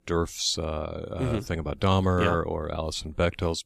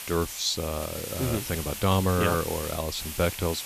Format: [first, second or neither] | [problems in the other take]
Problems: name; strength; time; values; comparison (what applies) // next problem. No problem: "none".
first | hiss; loud; throughout; 7 dB below the speech